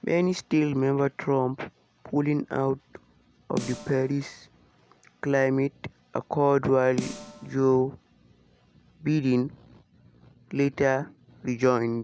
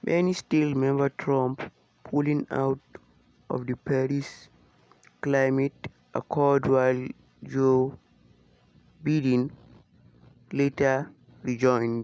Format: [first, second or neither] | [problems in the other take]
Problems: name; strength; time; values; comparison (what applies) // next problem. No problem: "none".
second | background sound (Snare drum); 13 dB below the speech